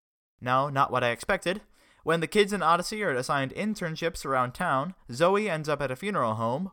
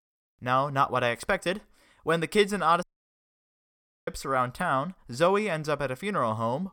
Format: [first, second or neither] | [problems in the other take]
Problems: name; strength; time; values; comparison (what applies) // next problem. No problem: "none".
first | audio cutting out; at 3 s for 1 s